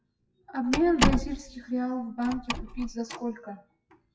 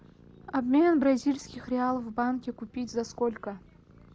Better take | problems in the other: second | noise reduction (classical method WPE with log-MMSE)

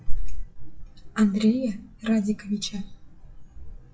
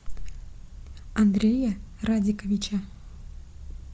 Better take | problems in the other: second | noise reduction (classical method WPE with log-MMSE)

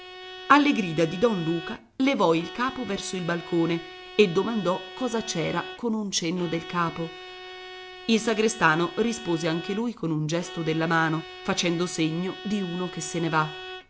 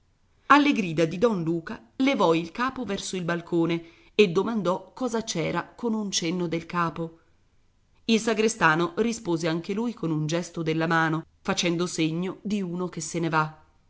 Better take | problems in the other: second | background sound (Bowed string instrument); 14 dB below the speech

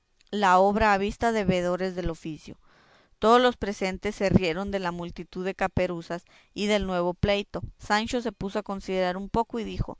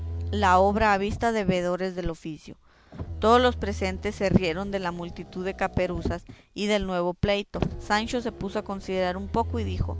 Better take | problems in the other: first | background sound (Motor vehicle (road)); 10 dB below the speech

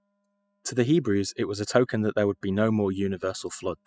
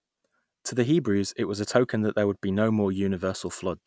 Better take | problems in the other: second | noise reduction (classical method spectral subtraction)

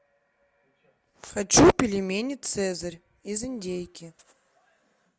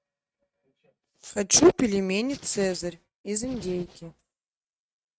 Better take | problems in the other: first | noise reduction (neural mask model RNNoise)

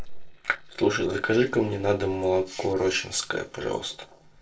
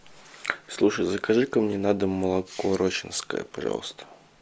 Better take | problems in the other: second | noise reduction (neural separator model SepFormer DNS4)

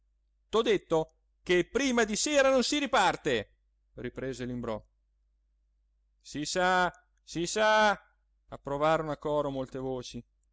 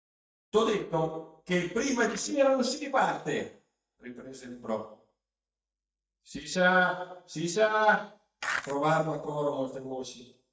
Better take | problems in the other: first | noise reduction (neural mask model DeepFilterNet 3)

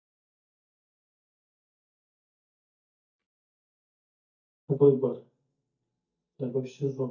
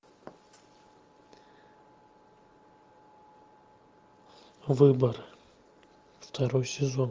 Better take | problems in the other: second | noise reduction (neural mask model DeepFilterNet 3)

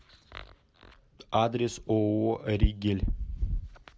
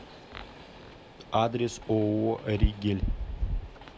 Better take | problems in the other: first | background sound (Train); 20 dB below the speech

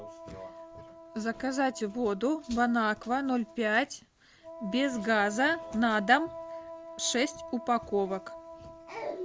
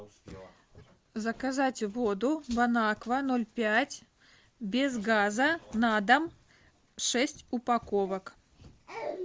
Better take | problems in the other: second | background sound (Wind instrument, woodwind instrument); 15 dB below the speech

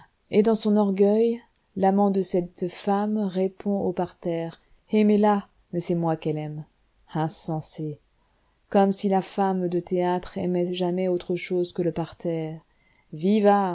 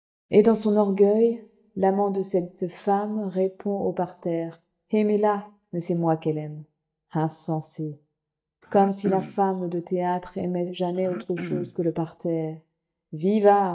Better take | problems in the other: first | noise reduction (neural mask model DeepFilterNet 3)

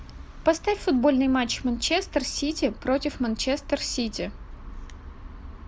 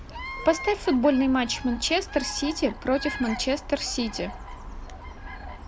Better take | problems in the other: first | background sound (Bird vocalization, bird call, bird song); 14 dB below the speech

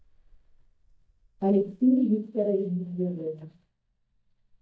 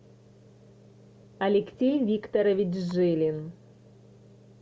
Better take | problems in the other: second | noise reduction (neural mask model DeepFilterNet 3)

